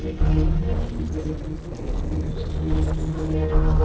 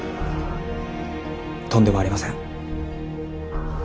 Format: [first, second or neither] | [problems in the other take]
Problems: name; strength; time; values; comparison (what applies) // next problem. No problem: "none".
second | noise reduction (neural separator model SepFormer DNS4)